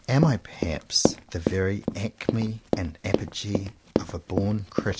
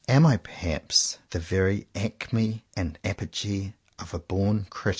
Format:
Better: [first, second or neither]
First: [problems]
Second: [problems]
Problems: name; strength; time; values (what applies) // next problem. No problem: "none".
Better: second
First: background sound (Run); 2 dB below the speech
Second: none